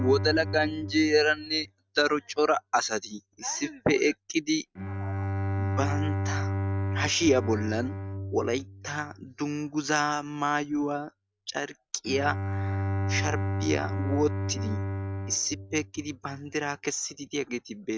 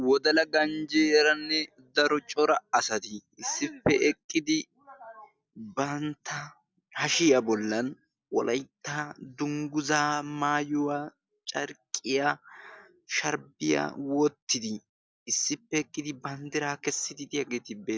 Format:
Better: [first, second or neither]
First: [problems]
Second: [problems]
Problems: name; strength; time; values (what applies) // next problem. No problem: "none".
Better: second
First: noise reduction (neural mask model RNNoise)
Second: none